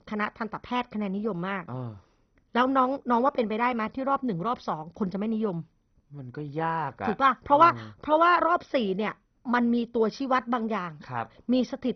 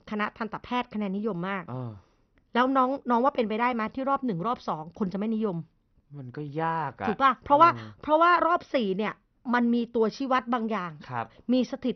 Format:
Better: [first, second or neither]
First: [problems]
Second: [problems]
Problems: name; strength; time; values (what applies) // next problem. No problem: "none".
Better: second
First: garbled, watery; badly; nothing above 6 kHz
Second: garbled, watery; slightly; nothing above 6 kHz